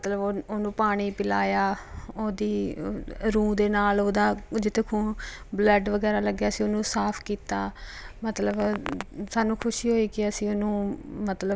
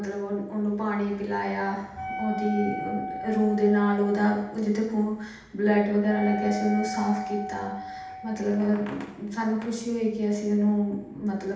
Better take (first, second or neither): first